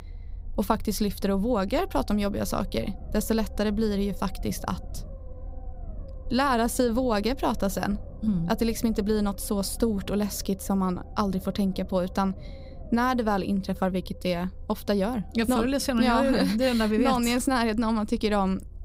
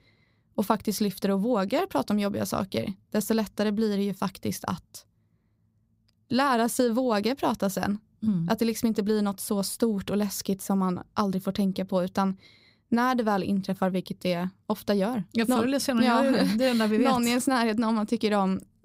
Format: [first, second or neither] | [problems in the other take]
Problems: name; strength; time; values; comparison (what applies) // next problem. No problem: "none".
second | low rumble; faint; throughout; 25 dB below the speech